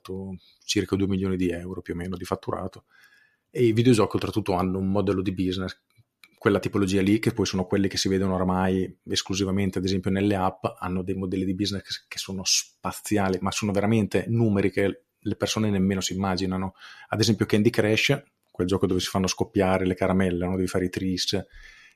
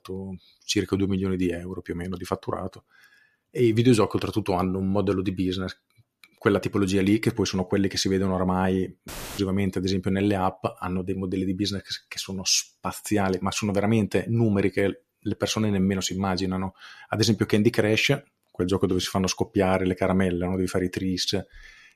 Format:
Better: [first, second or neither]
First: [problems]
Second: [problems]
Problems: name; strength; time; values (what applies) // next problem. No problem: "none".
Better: first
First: none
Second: audio cutting out; filled with static; at 9 s